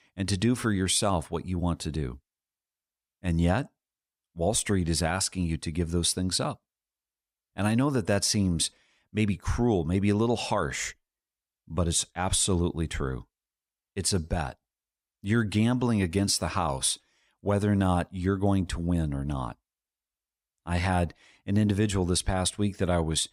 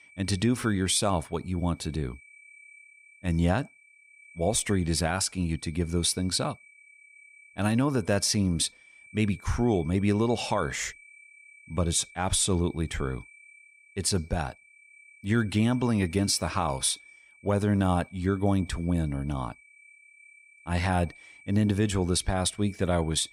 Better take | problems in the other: first | high-pitched whine; faint; throughout; 2.5 kHz, 25 dB below the speech

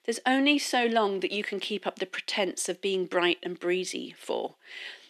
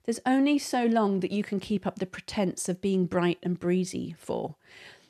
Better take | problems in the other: second | thin; very slightly; fading below 300 Hz

